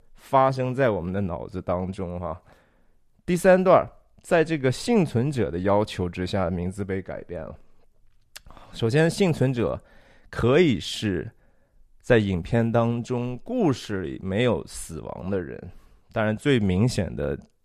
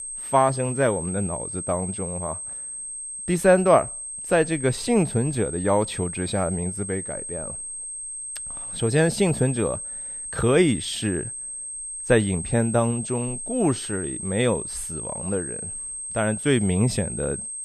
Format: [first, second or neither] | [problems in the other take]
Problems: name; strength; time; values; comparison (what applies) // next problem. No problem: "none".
first | high-pitched whine; loud; throughout; 8.5 kHz, 7 dB below the speech